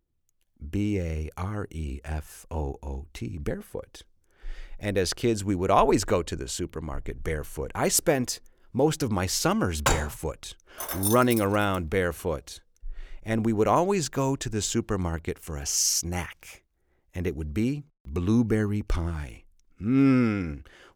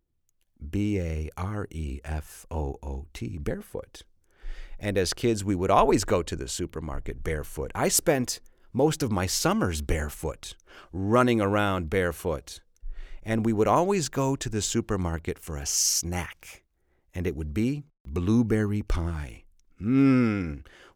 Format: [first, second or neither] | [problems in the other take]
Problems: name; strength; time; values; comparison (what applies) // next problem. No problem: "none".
second | clattering dishes; noticeable; at 10 s; peak level with the speech // jangling keys; noticeable; at 11 s; peak 2 dB below the speech